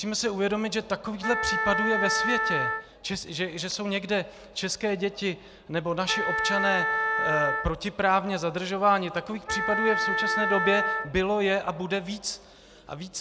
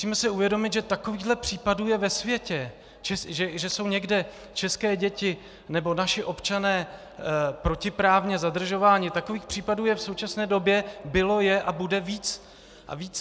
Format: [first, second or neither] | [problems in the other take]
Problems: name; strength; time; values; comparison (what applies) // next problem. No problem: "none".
second | background sound (Wind instrument, woodwind instrument); as loud as the speech